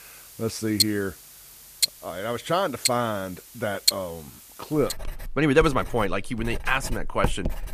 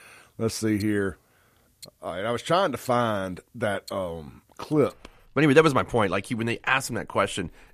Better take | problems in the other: second | household noises; loud; throughout; 1 dB below the speech; faint in the second

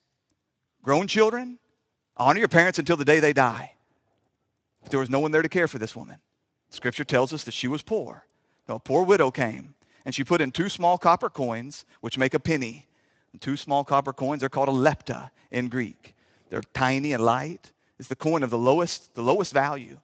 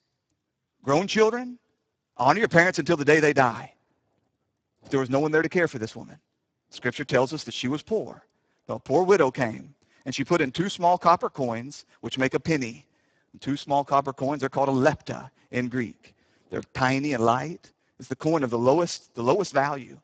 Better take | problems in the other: first | garbled, watery; badly; nothing above 7.5 kHz; slightly in the first

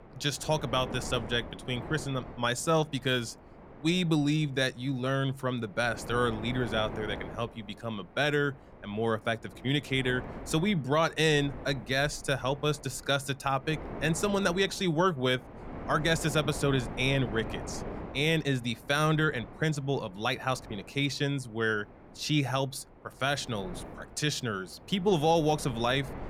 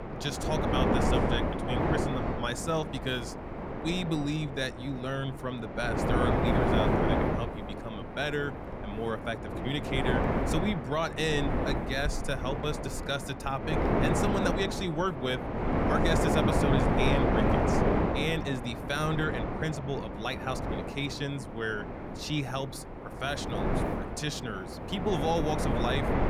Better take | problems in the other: first | wind noise on the microphone; heavy; 1 dB above the speech; occasional gusts in the first

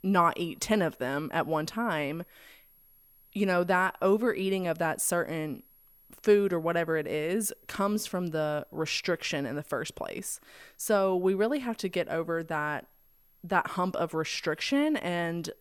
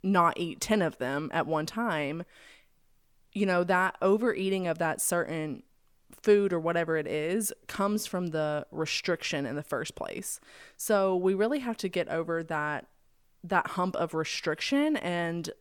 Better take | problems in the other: second | high-pitched whine; faint; throughout; 11.5 kHz, 30 dB below the speech

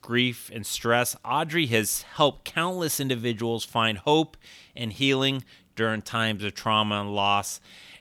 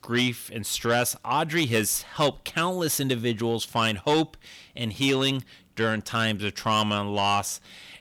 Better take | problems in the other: first | distortion; slight; 10 dB below the speech

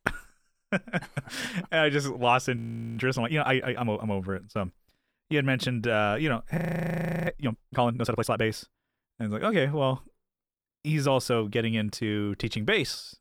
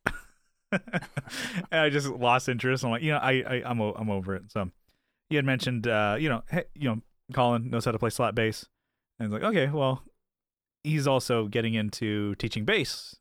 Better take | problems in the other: second | audio freezing; at 2.5 s and at 6.5 s for 0.5 s

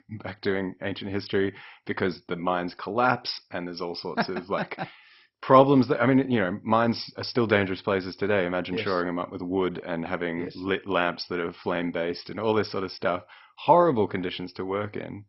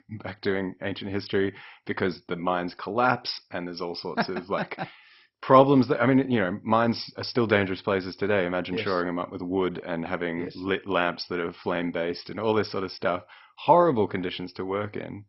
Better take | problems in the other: neither | garbled, watery; badly; nothing above 5.5 kHz; the same in both

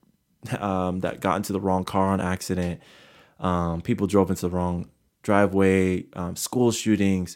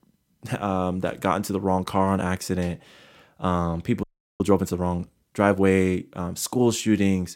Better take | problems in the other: first | audio freezing; at 4 s

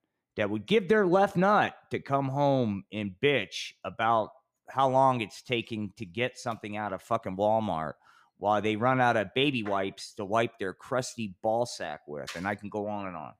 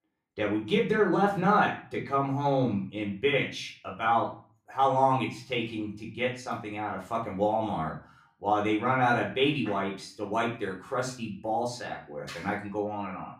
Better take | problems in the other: first | off-mic speech; far // room echo; slight; dies away in 0.4 s

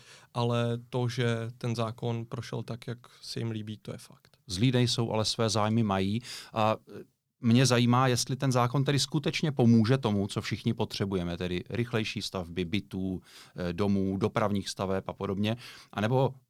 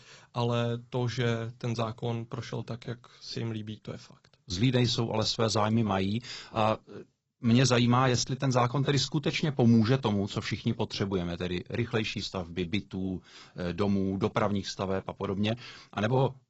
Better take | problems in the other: first | garbled, watery; badly; nothing above 8 kHz

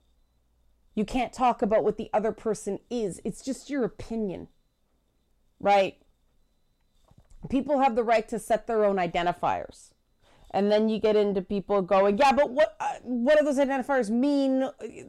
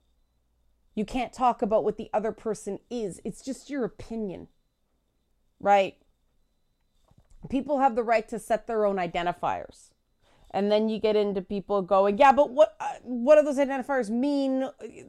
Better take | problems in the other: second | distortion; slight; 10 dB below the speech

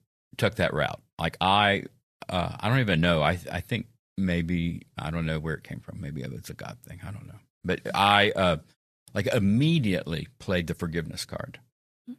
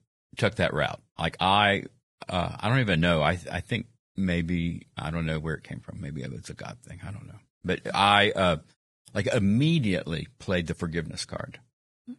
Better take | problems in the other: first | garbled, watery; badly; nothing above 10.5 kHz; slightly in the first

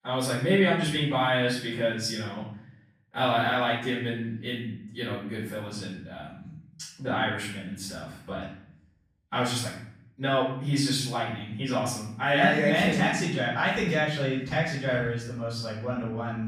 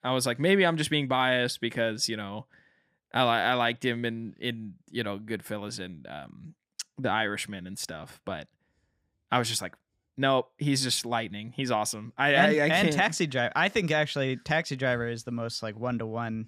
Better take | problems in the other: second | off-mic speech; far // room echo; noticeable; dies away in 0.7 s

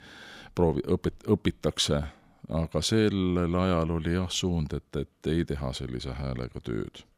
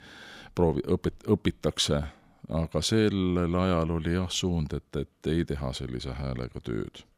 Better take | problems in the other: neither | none

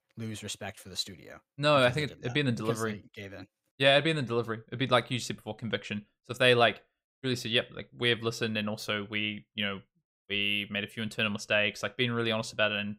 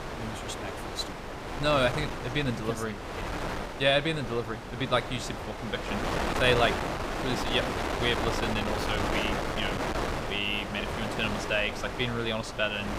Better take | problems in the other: first | wind noise on the microphone; heavy; 3 dB below the speech

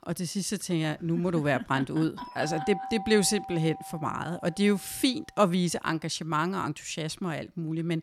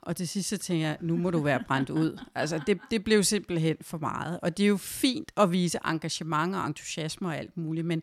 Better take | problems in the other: second | doorbell; noticeable; from 2 to 5 s; peak 7 dB below the speech

